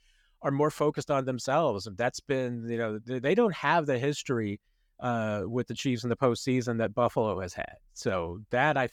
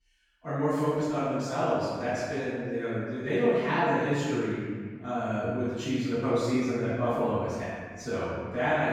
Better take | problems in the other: first | off-mic speech; far // room echo; strong; dies away in 1.6 s

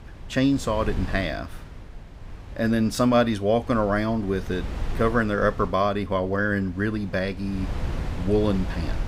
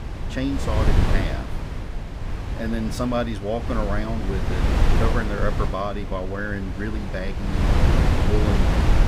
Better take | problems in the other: first | wind noise on the microphone; heavy; 2 dB below the speech; occasional gusts in the first

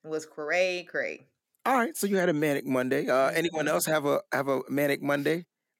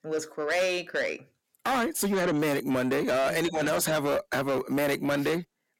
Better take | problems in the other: first | distortion; heavy; 8 dB below the speech

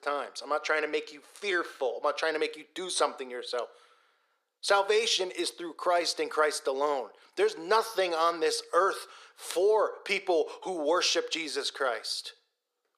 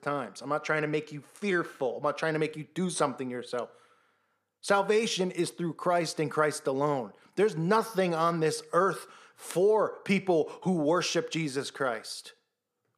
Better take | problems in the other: second | thin; very; fading below 350 Hz

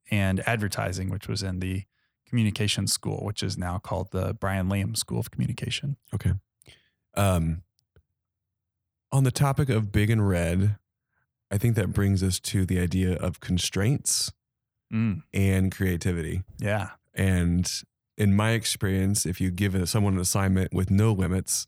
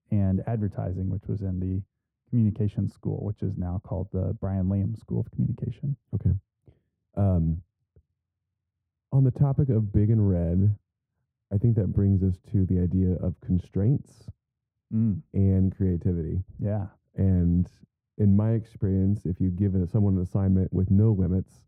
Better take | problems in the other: first | muffled; very; fading above 1.5 kHz

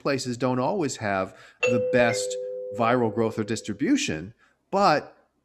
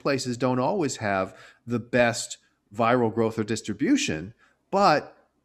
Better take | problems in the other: second | doorbell; loud; from 1.5 to 3 s; peak 1 dB above the speech

